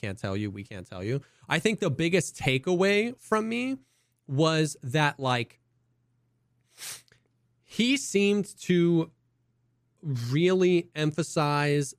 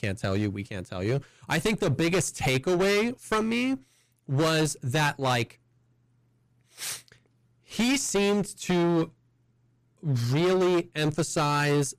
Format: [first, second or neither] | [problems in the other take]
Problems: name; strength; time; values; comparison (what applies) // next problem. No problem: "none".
first | distortion; heavy; 16% of the sound clipped